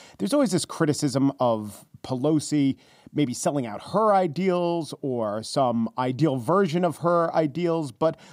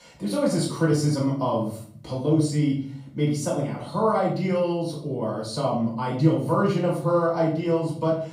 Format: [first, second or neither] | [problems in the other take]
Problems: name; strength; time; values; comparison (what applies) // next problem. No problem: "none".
first | off-mic speech; far // room echo; noticeable; dies away in 0.5 s